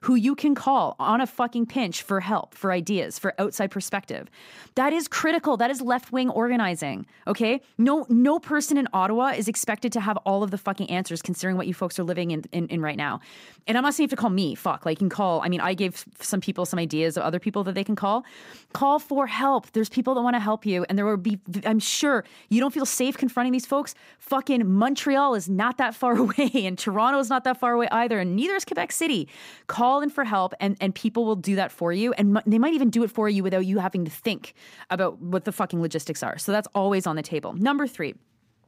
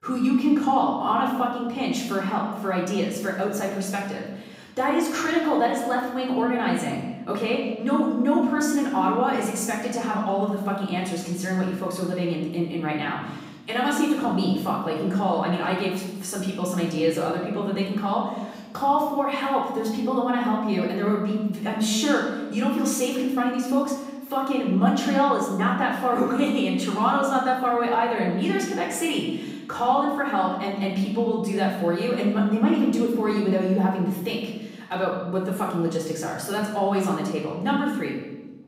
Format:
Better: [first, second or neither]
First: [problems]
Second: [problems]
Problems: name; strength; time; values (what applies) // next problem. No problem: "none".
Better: first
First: none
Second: off-mic speech; far // room echo; noticeable; dies away in 1 s